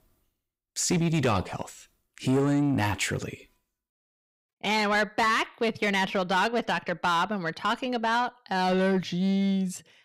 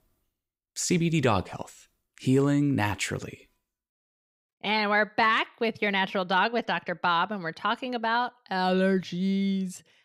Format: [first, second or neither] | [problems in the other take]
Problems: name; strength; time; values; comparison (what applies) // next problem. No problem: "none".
second | distortion; slight; 10 dB below the speech